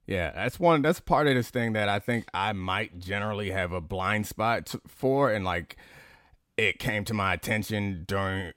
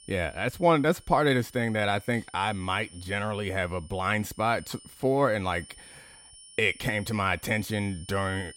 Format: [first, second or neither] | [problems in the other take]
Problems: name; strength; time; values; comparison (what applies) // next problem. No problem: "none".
first | high-pitched whine; faint; throughout; 9.5 kHz, 20 dB below the speech